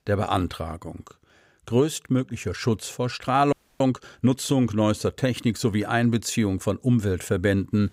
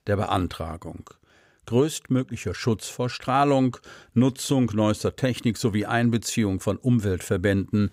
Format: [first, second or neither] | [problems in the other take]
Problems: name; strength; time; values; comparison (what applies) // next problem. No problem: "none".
second | audio freezing; at 3.5 s